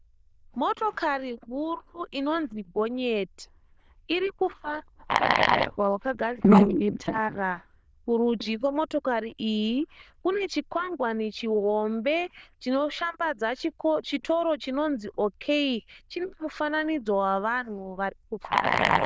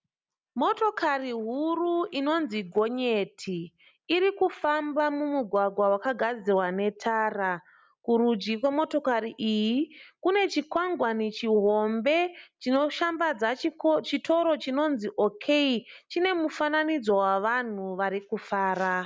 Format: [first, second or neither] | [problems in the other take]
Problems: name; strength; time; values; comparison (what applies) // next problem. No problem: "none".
second | noise reduction (neural diffusion model UNIVERSE++)